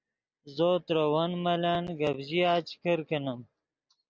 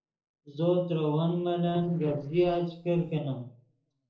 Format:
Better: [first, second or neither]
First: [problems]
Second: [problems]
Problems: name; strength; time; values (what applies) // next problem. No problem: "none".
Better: first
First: none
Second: noise reduction (neural separator model SepFormer DNS4)